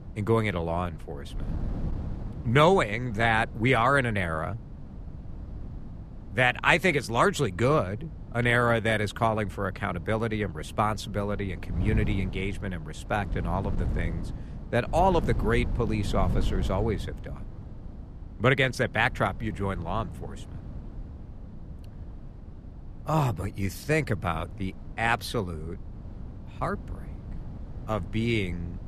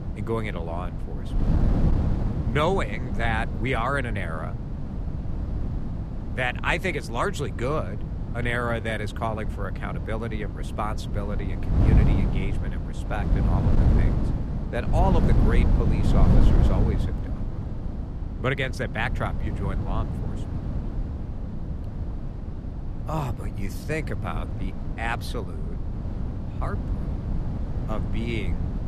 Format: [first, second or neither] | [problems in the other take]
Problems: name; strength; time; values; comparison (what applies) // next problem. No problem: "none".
first | wind noise on the microphone; heavy; 8 dB below the speech; occasional gusts in the first